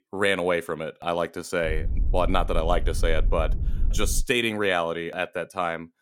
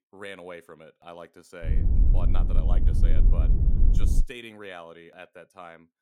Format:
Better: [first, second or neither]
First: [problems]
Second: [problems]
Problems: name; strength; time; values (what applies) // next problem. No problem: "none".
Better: first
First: low rumble; faint; from 1.5 to 4 s; 20 dB below the speech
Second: low rumble; loud; from 1.5 to 4 s; 1 dB below the speech